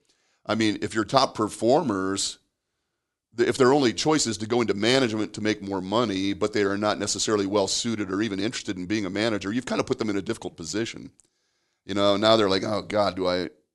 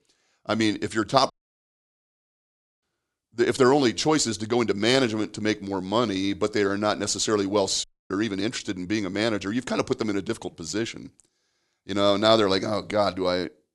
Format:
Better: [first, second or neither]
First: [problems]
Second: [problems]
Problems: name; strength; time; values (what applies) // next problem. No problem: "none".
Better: first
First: none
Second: audio cutting out; at 1.5 s for 1.5 s and at 8 s